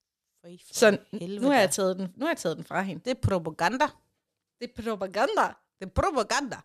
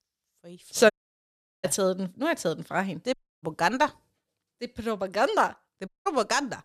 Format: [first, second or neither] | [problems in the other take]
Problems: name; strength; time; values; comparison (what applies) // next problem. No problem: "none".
first | audio cutting out; at 1 s for 0.5 s, at 3 s and at 6 s